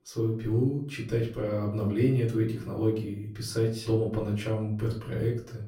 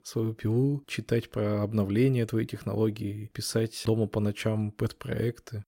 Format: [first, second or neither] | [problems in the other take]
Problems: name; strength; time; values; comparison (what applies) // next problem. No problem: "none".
second | off-mic speech; far // room echo; slight; dies away in 0.4 s